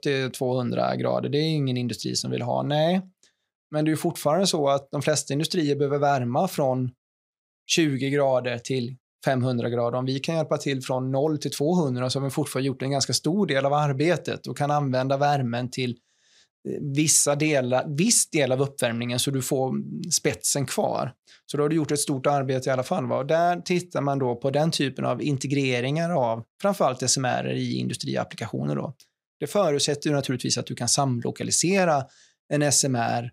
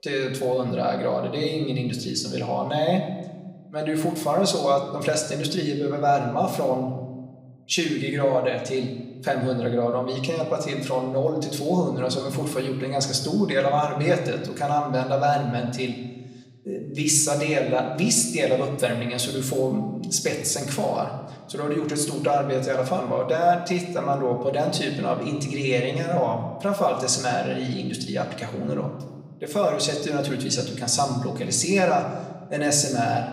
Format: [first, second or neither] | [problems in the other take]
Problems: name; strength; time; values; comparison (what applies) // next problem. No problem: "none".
first | room echo; slight; dies away in 1 s // off-mic speech; far